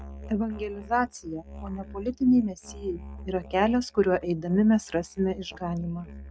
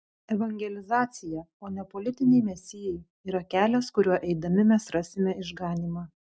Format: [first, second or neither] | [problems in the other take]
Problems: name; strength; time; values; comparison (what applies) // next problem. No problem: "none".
second | noise reduction (neural mask model RNNoise)